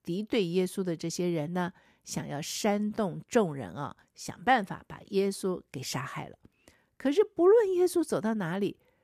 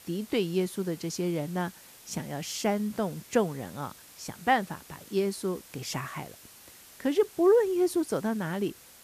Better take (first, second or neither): first